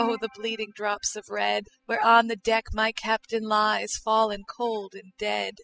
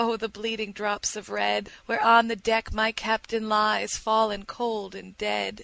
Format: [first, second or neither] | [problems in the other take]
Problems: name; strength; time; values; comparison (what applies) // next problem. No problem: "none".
second | noise reduction (classical method spectral subtraction)